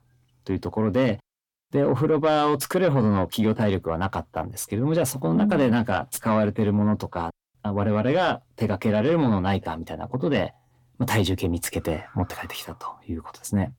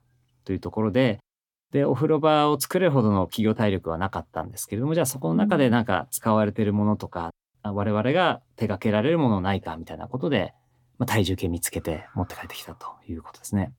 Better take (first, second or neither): second